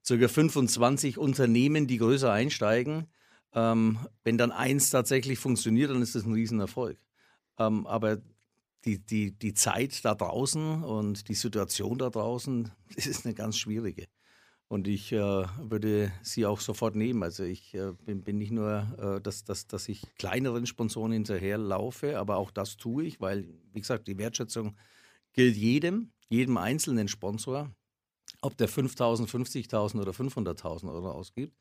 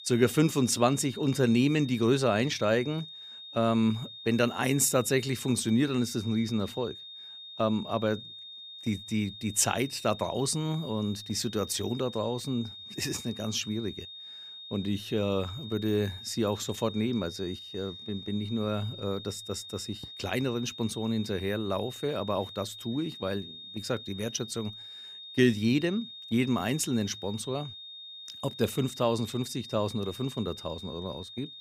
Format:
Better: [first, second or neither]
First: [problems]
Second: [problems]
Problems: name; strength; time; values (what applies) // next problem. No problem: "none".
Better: first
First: none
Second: high-pitched whine; noticeable; throughout; 3.5 kHz, 10 dB below the speech